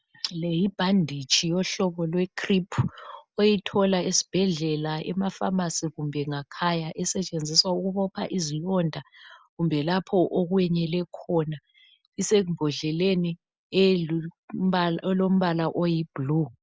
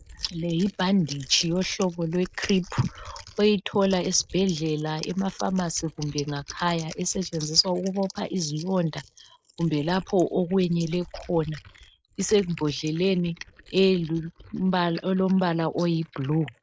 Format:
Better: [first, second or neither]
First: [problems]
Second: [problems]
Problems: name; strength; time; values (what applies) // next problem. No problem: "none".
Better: first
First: none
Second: noise reduction (neural mask model Resemble Enhance denoiser)